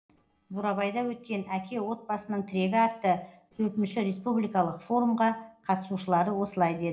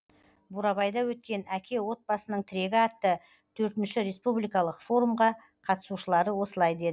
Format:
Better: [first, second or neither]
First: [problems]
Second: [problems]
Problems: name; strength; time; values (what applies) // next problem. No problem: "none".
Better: second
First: noise reduction (neural separator model SepFormer DNS4)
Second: none